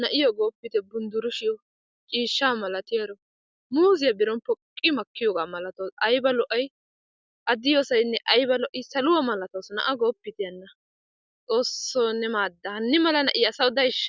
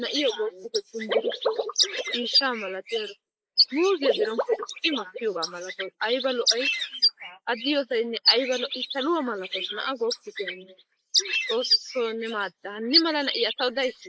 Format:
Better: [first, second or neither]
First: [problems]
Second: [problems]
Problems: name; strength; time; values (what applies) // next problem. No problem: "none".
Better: first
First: none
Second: noise reduction (neural mask model Resemble Enhance denoiser)